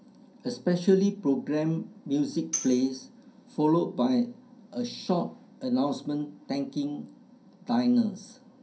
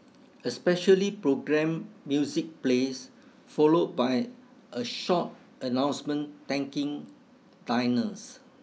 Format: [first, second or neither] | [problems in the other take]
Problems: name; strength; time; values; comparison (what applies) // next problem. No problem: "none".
second | background sound (Tambourine); 11 dB below the speech // room echo; dies away in 0.3 s